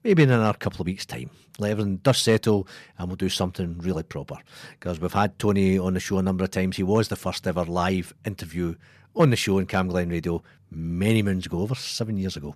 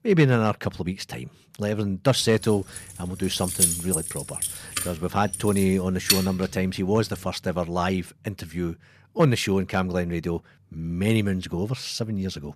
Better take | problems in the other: first | jangling keys; loud; from 3 to 6 s; peak 5 dB above the speech

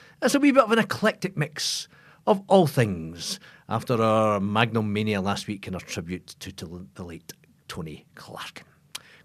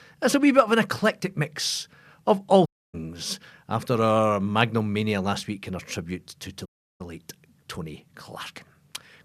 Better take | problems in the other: first | audio cutting out; at 2.5 s and at 6.5 s

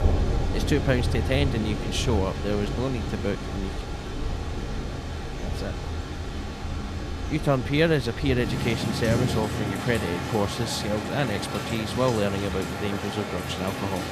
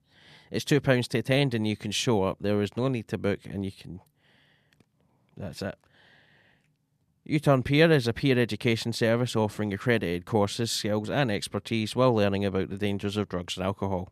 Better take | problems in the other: second | rain or running water; loud; throughout; 3 dB below the speech

